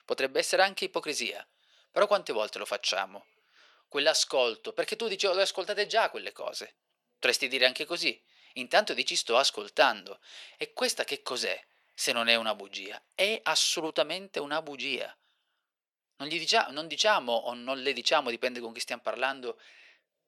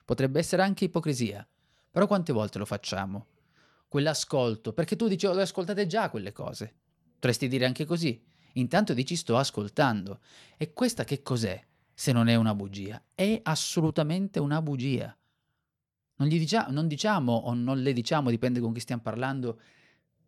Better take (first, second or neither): second